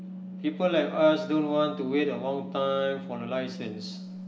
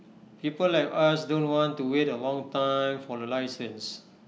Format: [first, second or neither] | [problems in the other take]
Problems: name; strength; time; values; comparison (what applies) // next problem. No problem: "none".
second | background sound (Organ); 11 dB below the speech // room echo; dies away in 1.9 s